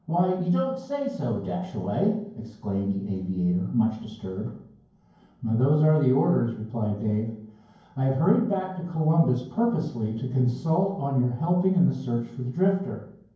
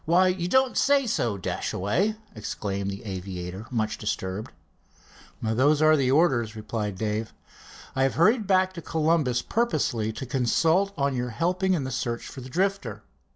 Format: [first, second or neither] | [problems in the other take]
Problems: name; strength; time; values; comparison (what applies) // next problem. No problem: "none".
second | room echo; dies away in 0.9 s